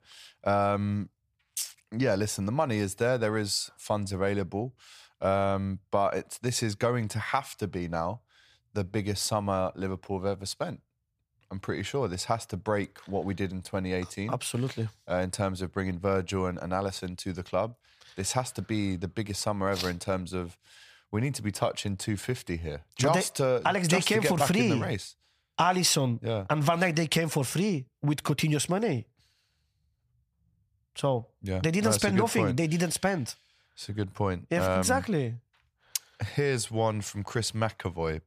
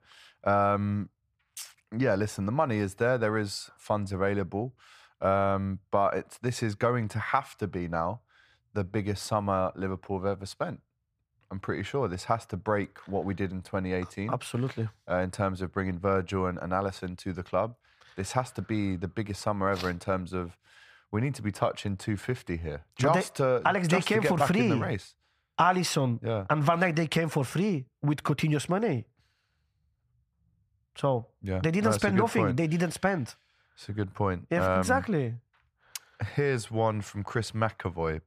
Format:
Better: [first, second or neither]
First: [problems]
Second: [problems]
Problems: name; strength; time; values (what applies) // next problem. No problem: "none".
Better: first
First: none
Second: muffled; slightly; fading above 3 kHz